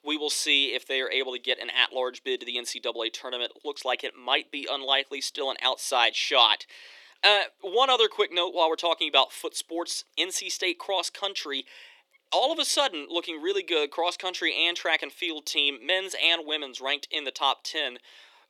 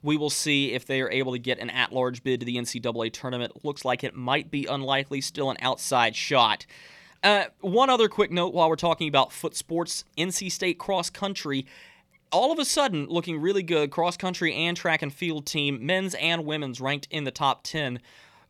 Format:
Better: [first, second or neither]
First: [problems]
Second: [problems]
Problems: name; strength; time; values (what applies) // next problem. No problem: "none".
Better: second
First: thin; somewhat; fading below 350 Hz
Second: none